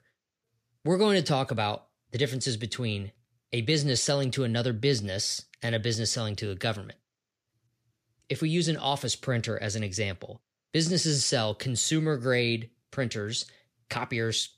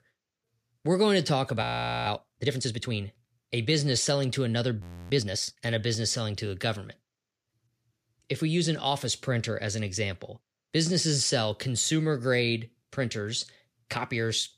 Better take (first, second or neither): first